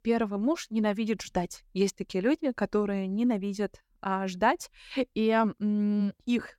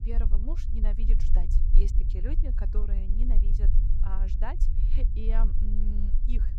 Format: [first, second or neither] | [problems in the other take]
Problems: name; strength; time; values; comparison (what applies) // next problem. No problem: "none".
first | low rumble; loud; throughout; 5 dB below the speech